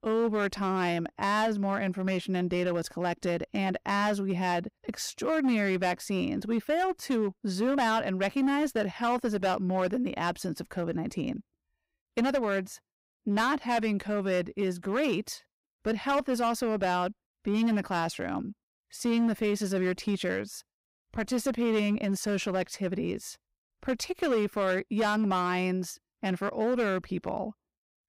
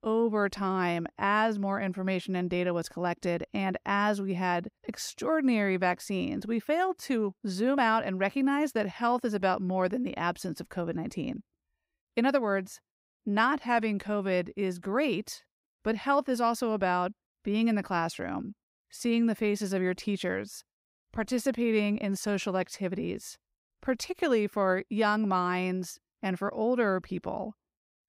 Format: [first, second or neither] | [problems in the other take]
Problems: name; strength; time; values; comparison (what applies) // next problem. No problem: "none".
second | distortion; slight; 7% of the sound clipped